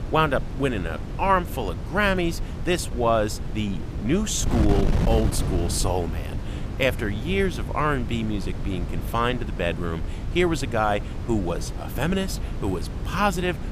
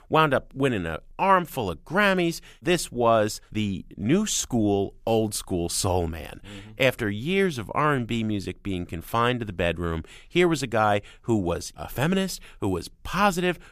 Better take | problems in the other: second | wind noise on the microphone; occasional gusts; 15 dB below the speech

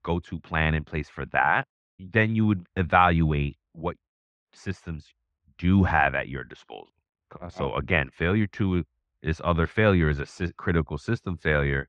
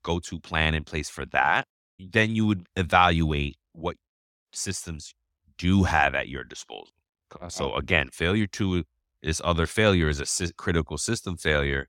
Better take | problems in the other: second | muffled; very; fading above 2 kHz

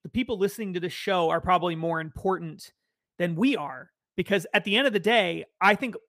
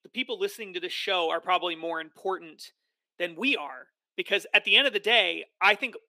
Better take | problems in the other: first | thin; somewhat; fading below 300 Hz

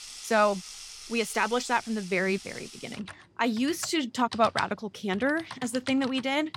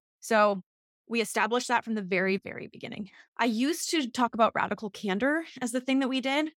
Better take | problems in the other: second | household noises; noticeable; throughout; 15 dB below the speech

